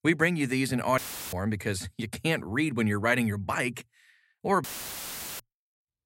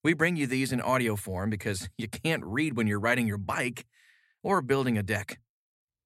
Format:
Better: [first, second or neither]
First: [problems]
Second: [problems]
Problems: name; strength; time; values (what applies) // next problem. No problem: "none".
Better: second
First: audio cutting out; filled with static; at 1 s and at 4.5 s for 1 s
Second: none